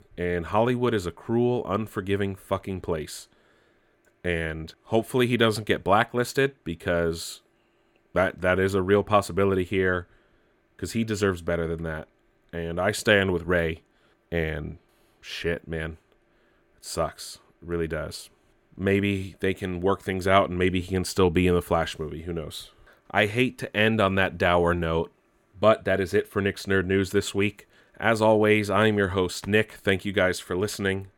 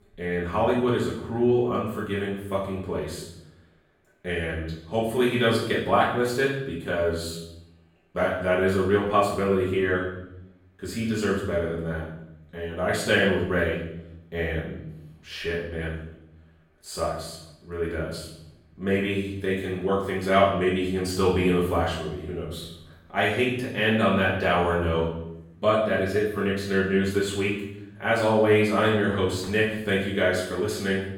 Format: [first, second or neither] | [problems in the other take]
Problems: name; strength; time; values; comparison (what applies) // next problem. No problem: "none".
first | room echo; noticeable; dies away in 0.7 s // off-mic speech; far